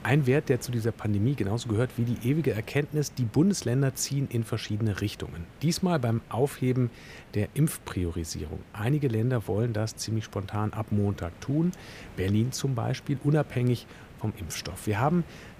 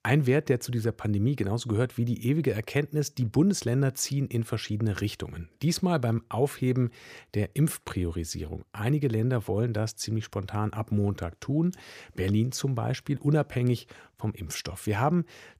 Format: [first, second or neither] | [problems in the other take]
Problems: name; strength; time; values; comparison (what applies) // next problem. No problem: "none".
second | hiss; faint; throughout; 20 dB below the speech